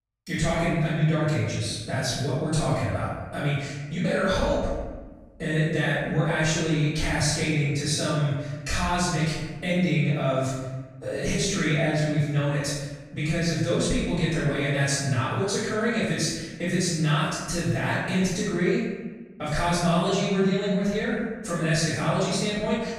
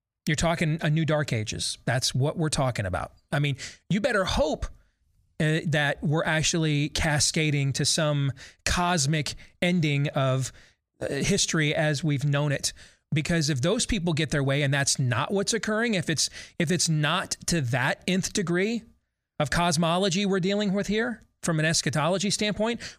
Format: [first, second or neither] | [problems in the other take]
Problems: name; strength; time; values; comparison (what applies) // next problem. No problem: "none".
second | room echo; strong; dies away in 1.1 s // off-mic speech; far